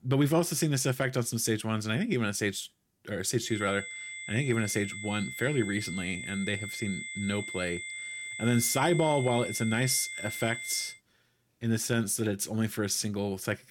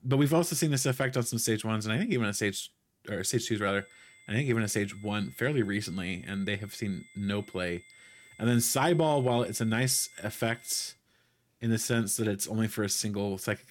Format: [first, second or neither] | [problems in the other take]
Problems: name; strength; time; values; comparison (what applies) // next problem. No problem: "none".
second | high-pitched whine; loud; from 3.5 to 11 s; 2 kHz, 8 dB below the speech; faint in the second